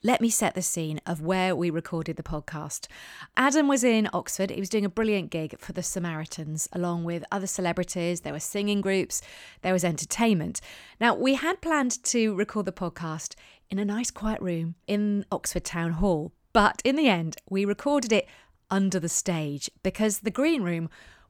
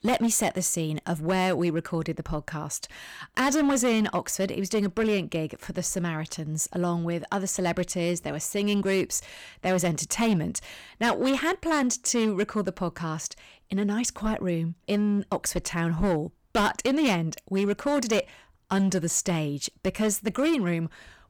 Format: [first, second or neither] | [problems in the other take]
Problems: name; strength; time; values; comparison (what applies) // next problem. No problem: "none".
first | distortion; slight; 7% of the sound clipped